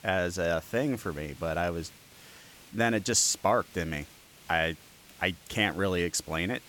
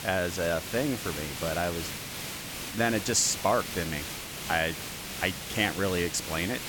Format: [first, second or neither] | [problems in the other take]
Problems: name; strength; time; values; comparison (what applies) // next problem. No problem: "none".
first | hiss; loud; throughout; 6 dB below the speech; faint in the first